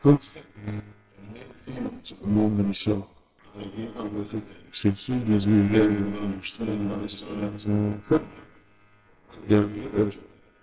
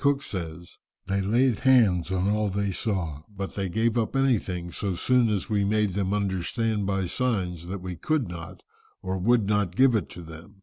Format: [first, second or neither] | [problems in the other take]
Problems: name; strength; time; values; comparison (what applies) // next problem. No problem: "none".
second | noise reduction (neural separator model SepFormer WHAMR!)